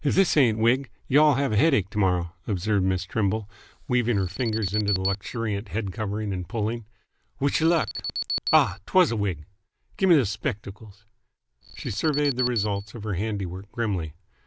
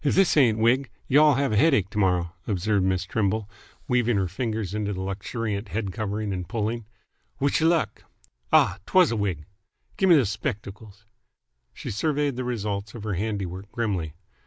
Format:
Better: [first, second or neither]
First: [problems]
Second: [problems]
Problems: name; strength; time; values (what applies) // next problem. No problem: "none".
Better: second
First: background sound (Alarm); 8 dB below the speech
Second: none